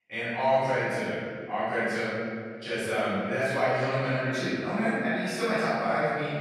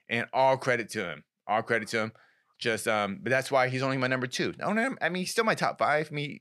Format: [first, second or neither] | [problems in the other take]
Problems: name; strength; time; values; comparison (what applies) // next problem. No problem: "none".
second | off-mic speech; far // room echo; strong; dies away in 2.1 s